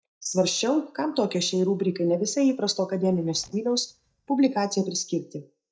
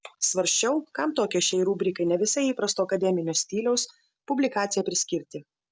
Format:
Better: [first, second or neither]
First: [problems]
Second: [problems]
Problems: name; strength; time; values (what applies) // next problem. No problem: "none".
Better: second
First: noise reduction (neural mask model DeepFilterNet 3)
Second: none